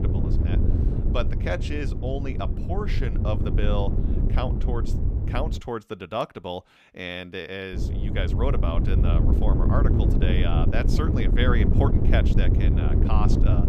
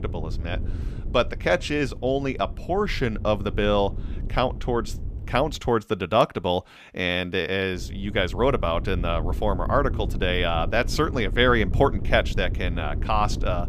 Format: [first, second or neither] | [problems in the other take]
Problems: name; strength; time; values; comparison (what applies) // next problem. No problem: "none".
second | wind noise on the microphone; heavy; until 5.5 s and from 7.5 s on; 3 dB below the speech; occasional gusts in the second